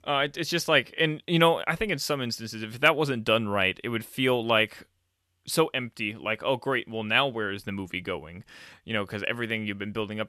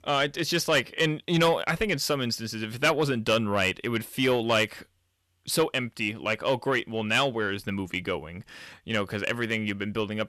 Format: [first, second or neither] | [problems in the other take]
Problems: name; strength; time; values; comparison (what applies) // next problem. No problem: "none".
first | distortion; slight; 10 dB below the speech